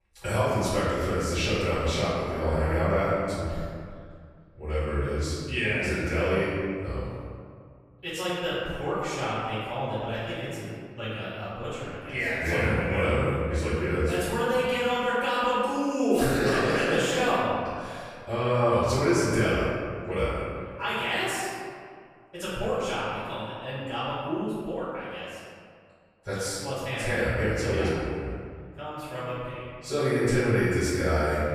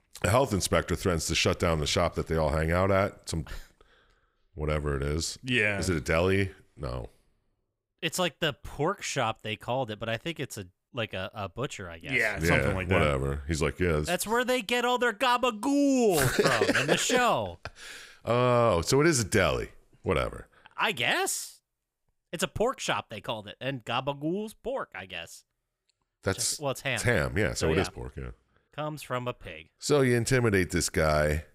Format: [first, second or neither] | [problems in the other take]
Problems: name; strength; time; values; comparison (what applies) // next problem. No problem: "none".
second | off-mic speech; far // room echo; strong; dies away in 1.9 s